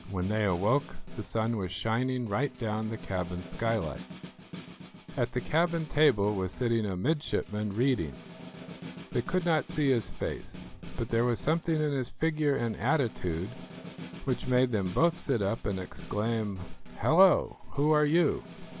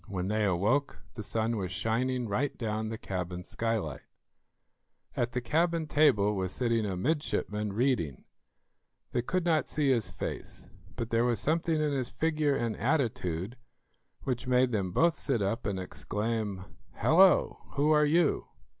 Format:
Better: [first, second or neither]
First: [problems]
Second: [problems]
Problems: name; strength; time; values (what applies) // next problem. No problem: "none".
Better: second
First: background sound (Snare drum); 16 dB below the speech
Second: none